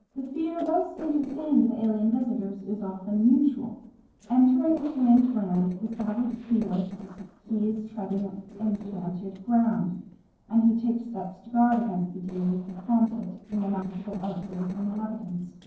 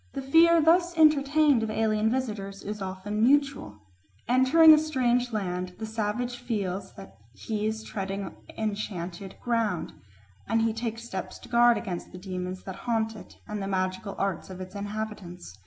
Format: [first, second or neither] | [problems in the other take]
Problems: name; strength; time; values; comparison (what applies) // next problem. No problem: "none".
second | noise reduction (neural separator model SepFormer DNS4)